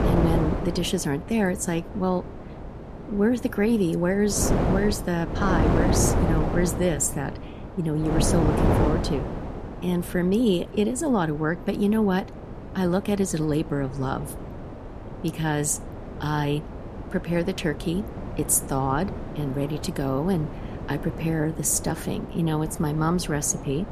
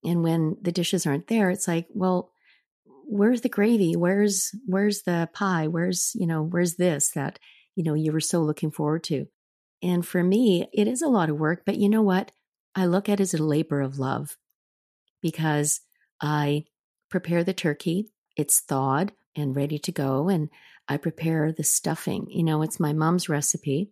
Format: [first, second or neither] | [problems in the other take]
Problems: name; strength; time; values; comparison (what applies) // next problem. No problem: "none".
second | wind noise on the microphone; heavy; 6 dB below the speech